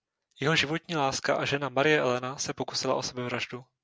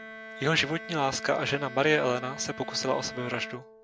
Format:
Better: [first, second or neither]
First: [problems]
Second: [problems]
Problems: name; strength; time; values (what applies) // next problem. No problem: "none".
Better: first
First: none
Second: background sound (Bowed string instrument); 13 dB below the speech